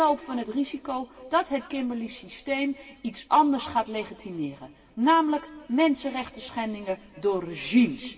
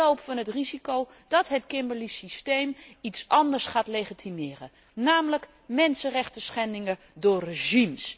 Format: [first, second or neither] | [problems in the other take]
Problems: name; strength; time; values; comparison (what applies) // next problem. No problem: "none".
second | room echo; dies away in 2.5 s